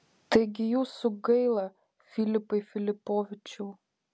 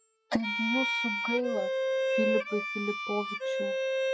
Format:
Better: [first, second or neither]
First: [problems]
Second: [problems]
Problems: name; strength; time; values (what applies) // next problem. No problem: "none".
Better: first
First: none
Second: noise reduction (classical method Wiener filter)